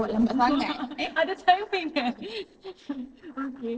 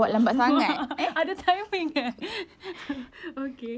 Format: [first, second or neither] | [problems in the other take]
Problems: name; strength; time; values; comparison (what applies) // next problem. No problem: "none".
second | noise reduction (neural separator model SepFormer DNS4)